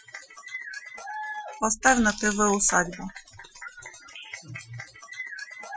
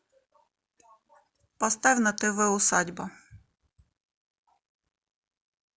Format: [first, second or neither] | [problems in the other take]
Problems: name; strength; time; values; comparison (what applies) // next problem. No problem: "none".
second | noise reduction (classical method Wiener filter)